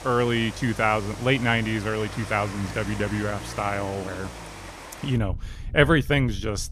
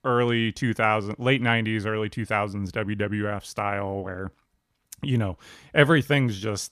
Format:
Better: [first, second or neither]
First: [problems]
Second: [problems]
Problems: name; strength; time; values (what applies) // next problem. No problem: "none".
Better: second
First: rain or running water; noticeable; throughout; 10 dB below the speech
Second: none